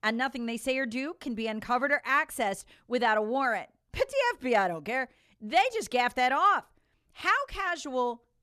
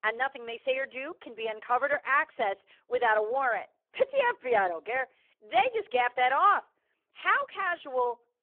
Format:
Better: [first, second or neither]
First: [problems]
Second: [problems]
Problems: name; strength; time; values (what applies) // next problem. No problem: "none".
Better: first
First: none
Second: phone-call audio; poor line